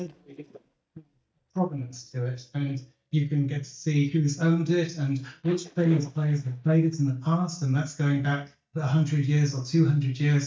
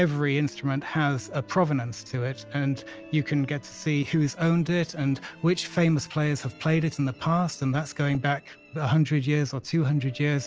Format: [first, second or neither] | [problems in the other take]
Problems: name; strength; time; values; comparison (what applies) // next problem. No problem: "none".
second | noise reduction (neural mask model DeepFilterNet 3)